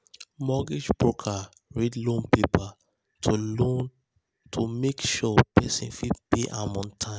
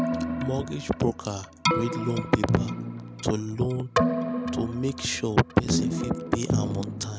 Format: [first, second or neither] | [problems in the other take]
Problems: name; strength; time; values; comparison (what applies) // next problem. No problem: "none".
first | background sound (Keyboard (musical)); 1 dB below the speech